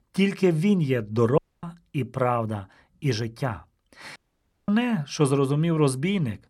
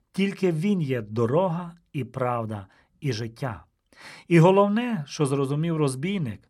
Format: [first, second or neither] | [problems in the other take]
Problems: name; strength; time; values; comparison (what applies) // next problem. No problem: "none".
second | audio cutting out; at 1.5 s and at 4 s for 0.5 s